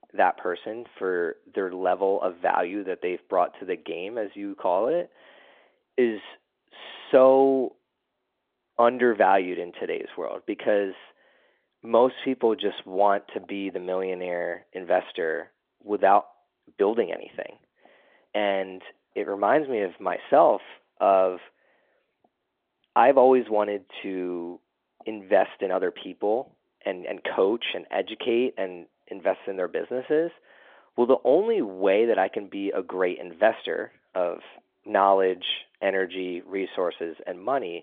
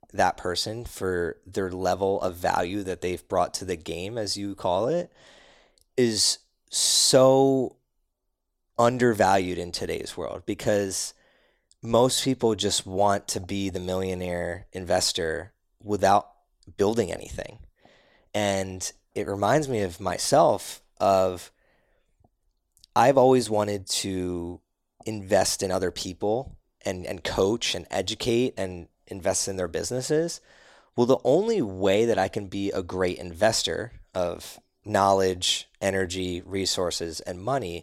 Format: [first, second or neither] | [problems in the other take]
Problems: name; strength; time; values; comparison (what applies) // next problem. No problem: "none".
second | phone-call audio; nothing above 3.5 kHz